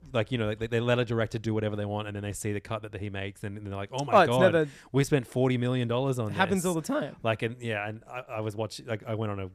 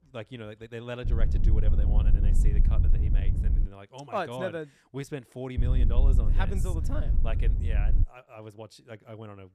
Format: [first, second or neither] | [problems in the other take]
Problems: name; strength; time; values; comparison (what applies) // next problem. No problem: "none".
first | wind noise on the microphone; heavy; from 1 to 3.5 s and from 5.5 to 8 s; 6 dB below the speech